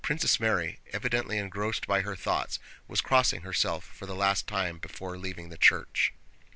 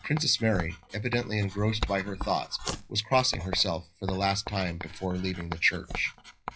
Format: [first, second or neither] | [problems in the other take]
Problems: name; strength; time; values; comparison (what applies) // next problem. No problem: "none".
first | noise reduction (classical method WPE with log-MMSE)